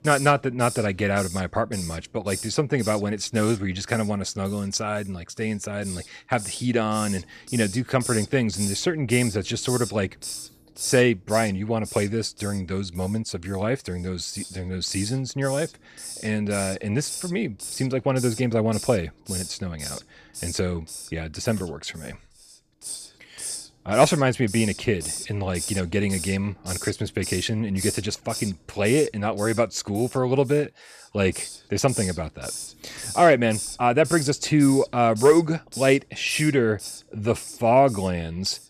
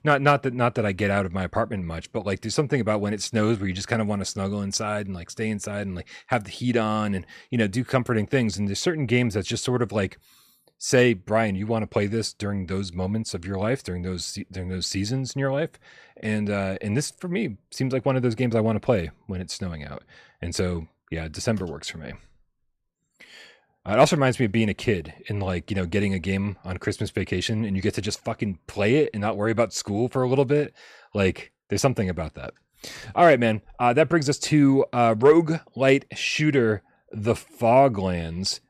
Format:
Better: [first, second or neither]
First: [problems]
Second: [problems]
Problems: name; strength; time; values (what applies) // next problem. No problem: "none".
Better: second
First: hiss; noticeable; throughout; 10 dB below the speech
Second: none